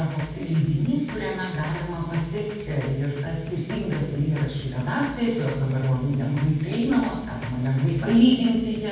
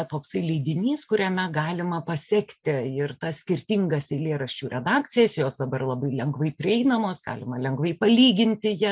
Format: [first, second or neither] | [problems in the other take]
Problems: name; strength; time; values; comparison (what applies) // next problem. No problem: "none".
second | background sound (Drum kit); 16 dB below the speech // room echo; dies away in 1.2 s